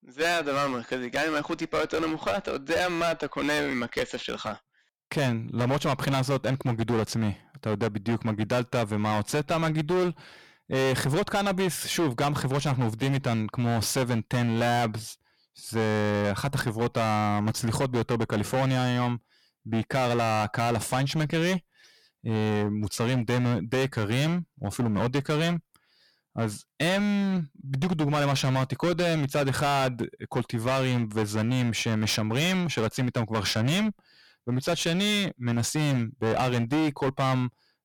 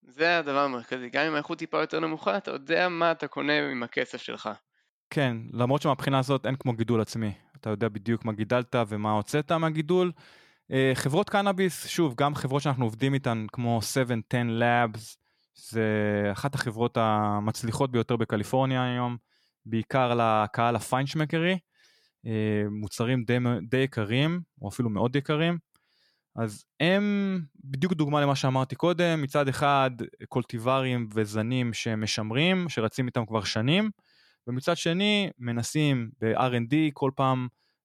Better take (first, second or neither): second